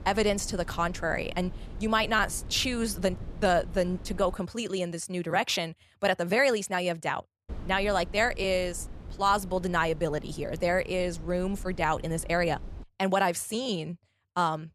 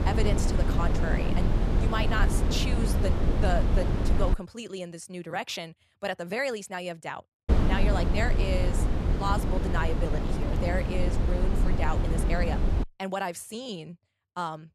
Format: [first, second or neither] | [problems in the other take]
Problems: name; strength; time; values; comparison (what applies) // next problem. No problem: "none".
first | wind noise on the microphone; heavy; until 4.5 s and from 7.5 to 13 s; 3 dB below the speech; occasional gusts in the first